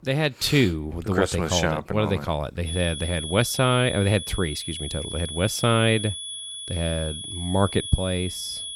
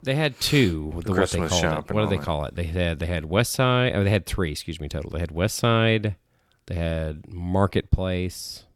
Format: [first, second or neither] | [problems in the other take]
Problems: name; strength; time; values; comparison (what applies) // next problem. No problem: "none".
second | high-pitched whine; loud; from 2.5 s on; 3.5 kHz, 7 dB below the speech